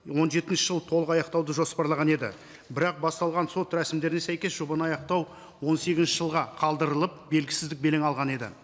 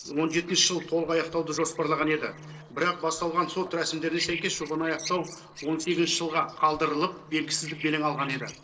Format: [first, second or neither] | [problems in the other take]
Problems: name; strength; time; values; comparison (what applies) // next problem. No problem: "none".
first | noise reduction (neural separator model SepFormer DNS4)